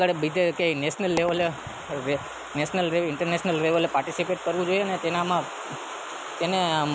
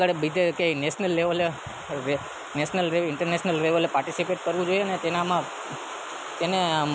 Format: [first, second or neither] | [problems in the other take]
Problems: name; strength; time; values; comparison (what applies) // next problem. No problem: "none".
second | background sound (Coin (dropping)); 18 dB below the speech